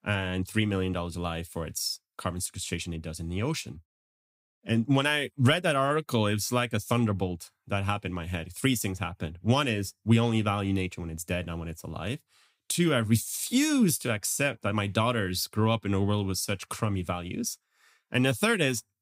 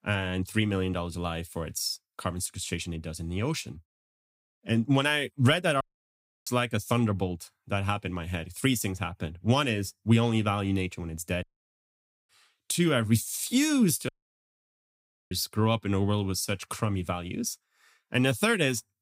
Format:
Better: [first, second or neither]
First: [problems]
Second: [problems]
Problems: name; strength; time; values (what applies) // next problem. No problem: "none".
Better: first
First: none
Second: audio cutting out; at 6 s for 0.5 s, at 11 s for 1 s and at 14 s for 1 s